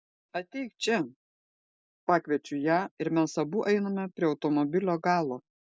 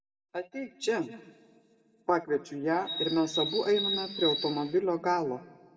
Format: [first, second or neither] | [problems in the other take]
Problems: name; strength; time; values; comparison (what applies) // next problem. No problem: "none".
first | background sound (Bird); 3 dB below the speech // room echo; dies away in 1.1 s